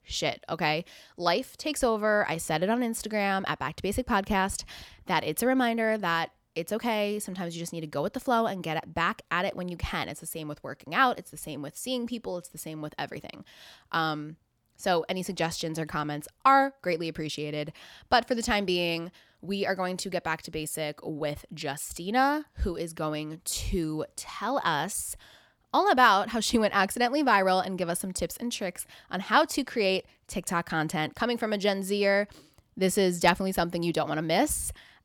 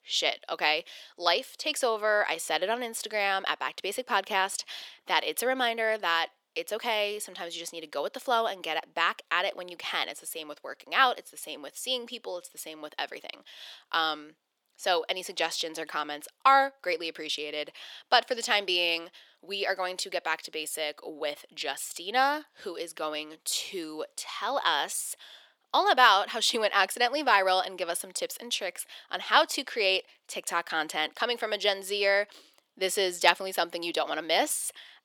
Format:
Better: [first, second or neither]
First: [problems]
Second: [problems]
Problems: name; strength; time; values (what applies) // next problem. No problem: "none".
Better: first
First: none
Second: thin; somewhat; fading below 400 Hz